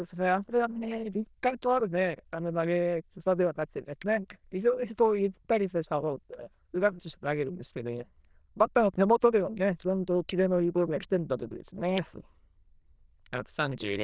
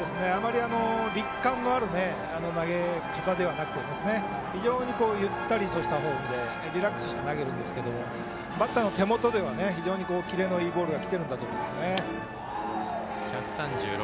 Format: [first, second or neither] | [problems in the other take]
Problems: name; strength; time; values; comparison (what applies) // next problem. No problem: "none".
second | noise reduction (neural diffusion model UNIVERSE++)